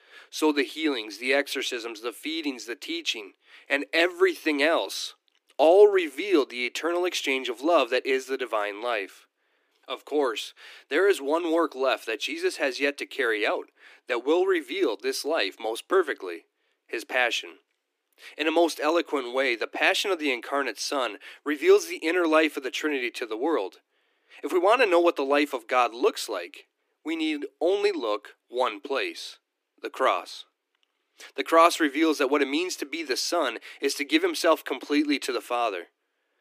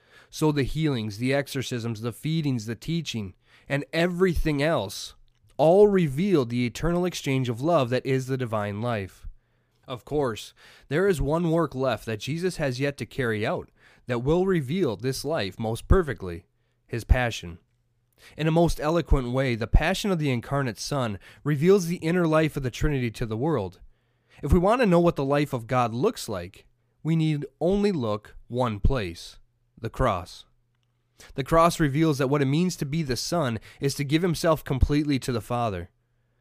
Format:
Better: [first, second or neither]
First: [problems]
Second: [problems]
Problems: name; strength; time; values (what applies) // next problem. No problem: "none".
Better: second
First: thin; somewhat; fading below 300 Hz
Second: none